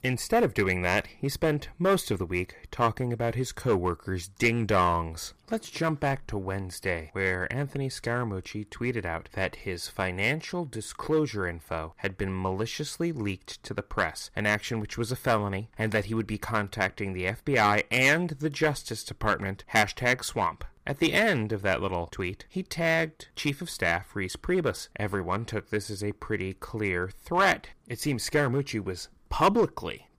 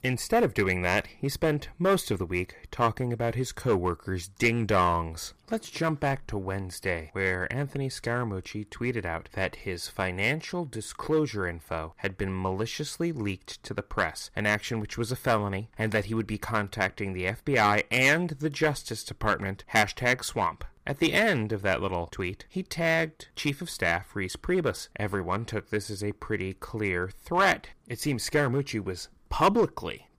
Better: neither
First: distortion; slight; 2% of the sound clipped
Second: distortion; slight; 2% of the sound clipped

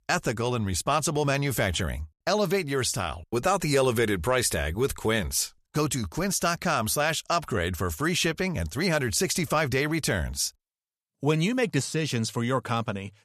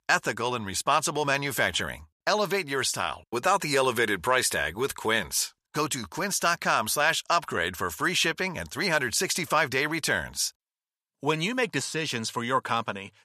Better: first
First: none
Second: thin; somewhat; fading below 600 Hz

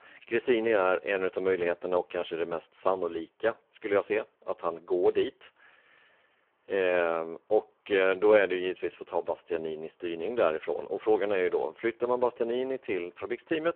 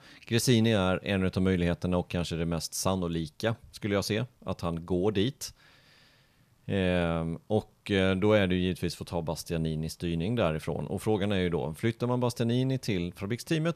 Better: second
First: phone-call audio; poor line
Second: none

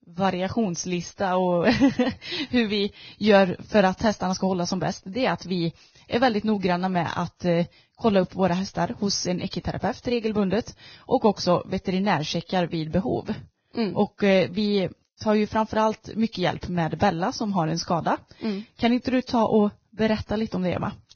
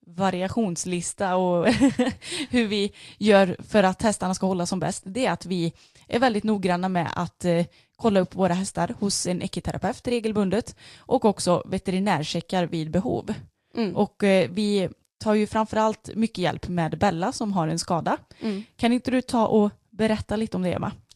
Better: second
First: garbled, watery; badly; nothing above 6.5 kHz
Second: garbled, watery; slightly

